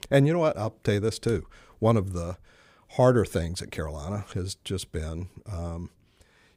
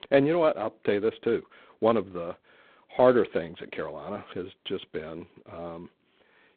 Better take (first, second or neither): first